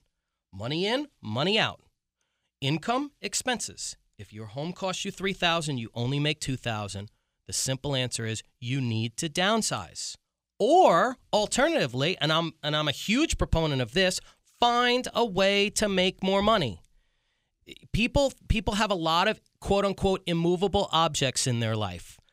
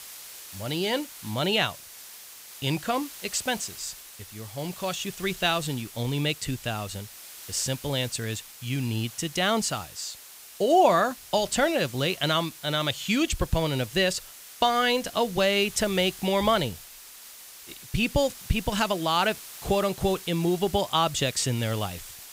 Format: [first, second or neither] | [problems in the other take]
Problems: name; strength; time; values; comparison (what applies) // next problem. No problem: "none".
first | hiss; noticeable; throughout; 15 dB below the speech